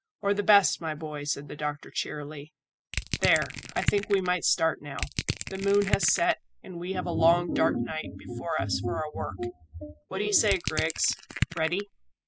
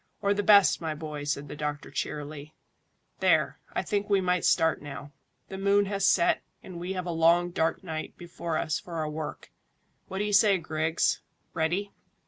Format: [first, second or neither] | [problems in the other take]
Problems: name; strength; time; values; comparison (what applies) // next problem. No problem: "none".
second | noise reduction (classical method spectral subtraction)